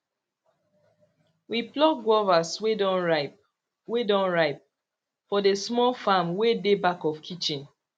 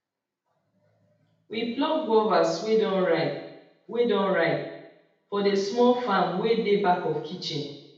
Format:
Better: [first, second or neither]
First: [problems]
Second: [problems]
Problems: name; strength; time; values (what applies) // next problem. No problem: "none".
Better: first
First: none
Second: room echo; dies away in 0.8 s